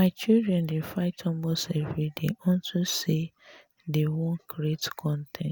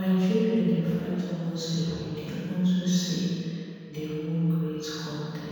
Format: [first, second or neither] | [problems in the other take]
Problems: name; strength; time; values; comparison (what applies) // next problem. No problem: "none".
first | room echo; dies away in 2.1 s